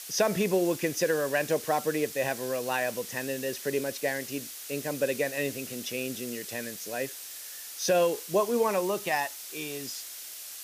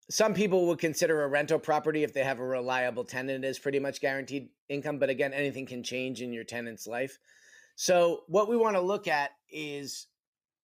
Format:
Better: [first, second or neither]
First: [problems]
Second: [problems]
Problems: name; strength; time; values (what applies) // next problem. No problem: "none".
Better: second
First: hiss; loud; throughout; 9 dB below the speech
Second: none